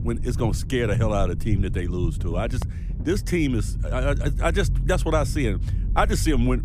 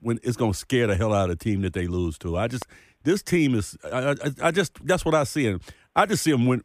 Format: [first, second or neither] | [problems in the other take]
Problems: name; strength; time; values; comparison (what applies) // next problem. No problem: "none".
second | low rumble; noticeable; throughout; 15 dB below the speech